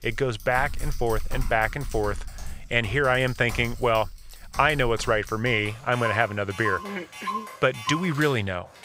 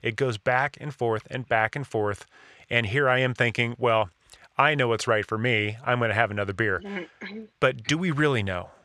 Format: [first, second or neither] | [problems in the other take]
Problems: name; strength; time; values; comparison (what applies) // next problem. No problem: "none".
second | household noises; noticeable; throughout; 10 dB below the speech